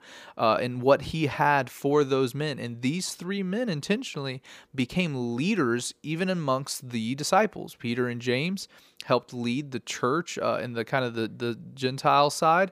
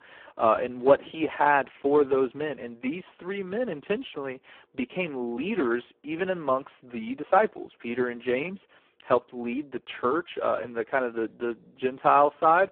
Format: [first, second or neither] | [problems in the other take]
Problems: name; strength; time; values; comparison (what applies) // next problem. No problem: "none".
first | phone-call audio; poor line